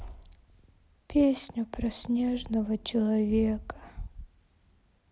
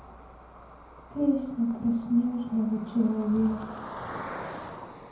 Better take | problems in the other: first | background sound (Cricket); 13 dB below the speech // room echo; dies away in 0.9 s

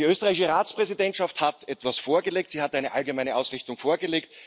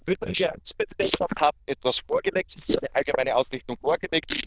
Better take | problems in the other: first | noise reduction (neural diffusion model UNIVERSE++)

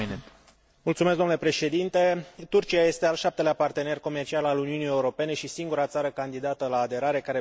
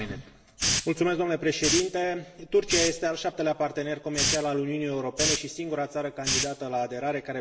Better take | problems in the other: first | background sound (Hiss); 3 dB below the speech // room echo; dies away in 1.3 s

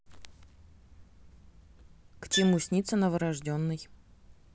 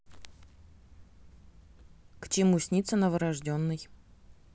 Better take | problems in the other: second | background sound (Bowed string instrument); 5 dB below the speech

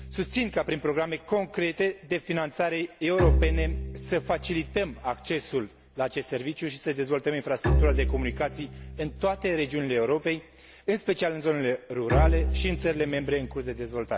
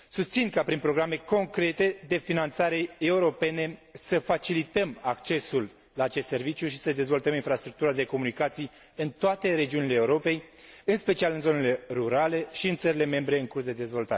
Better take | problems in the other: second | background sound (Bowed string instrument); 3 dB below the speech

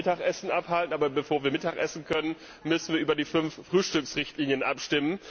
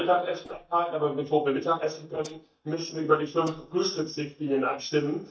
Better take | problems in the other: first | noise reduction (neural mask model DeepFilterNet 3)

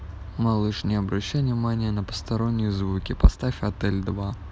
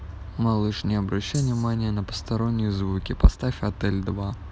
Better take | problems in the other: first | background sound (Rattle (instrument)); 18 dB below the speech

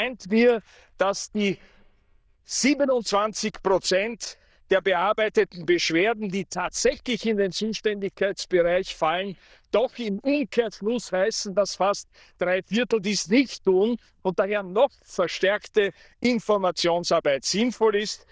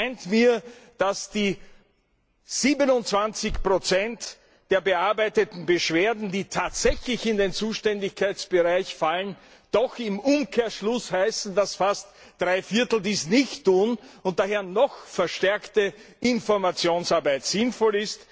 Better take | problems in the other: second | noise reduction (neural diffusion model UNIVERSE++)

